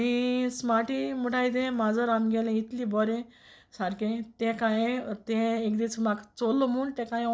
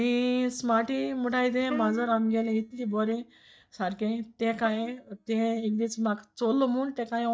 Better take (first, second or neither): first